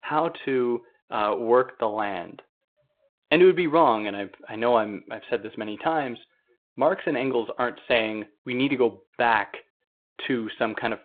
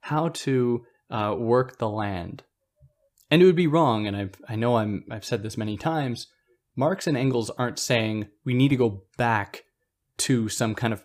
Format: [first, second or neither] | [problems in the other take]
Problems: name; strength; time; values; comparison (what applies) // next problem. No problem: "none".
second | phone-call audio; nothing above 3.5 kHz